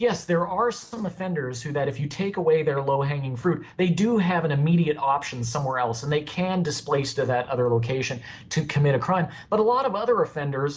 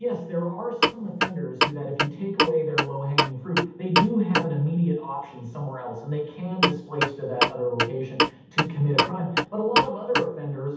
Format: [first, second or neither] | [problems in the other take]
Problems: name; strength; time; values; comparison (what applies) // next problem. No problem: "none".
first | background sound (Clock); 2 dB above the speech // room echo; dies away in 0.8 s